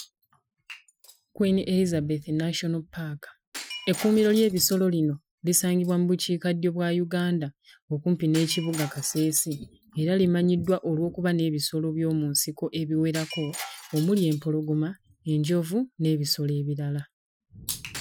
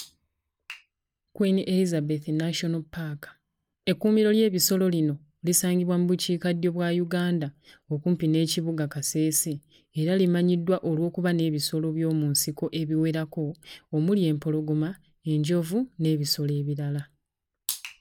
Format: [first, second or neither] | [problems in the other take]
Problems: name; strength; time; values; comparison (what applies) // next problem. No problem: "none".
second | noise reduction (classical method Wiener filter)